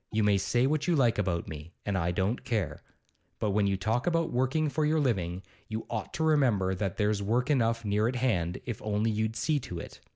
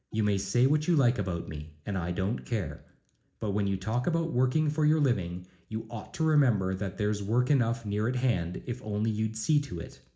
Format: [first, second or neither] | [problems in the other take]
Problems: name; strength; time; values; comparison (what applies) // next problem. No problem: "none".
first | room echo; dies away in 0.4 s